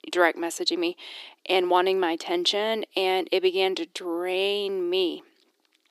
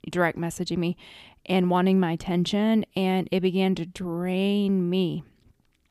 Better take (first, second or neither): second